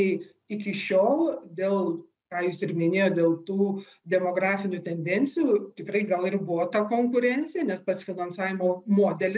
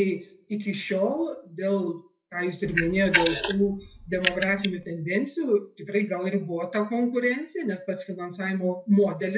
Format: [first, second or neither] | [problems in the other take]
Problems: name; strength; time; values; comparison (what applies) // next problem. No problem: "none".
first | noise reduction (classical method WPE with log-MMSE)